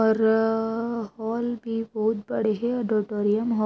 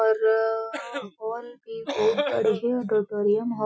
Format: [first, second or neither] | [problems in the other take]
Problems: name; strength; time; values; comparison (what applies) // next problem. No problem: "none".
first | noise reduction (classical method Wiener filter)